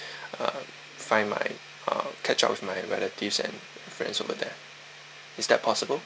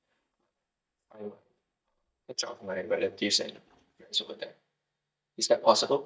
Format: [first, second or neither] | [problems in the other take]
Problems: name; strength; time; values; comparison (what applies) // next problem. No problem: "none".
first | noise reduction (neural mask model DeepFilterNet 3)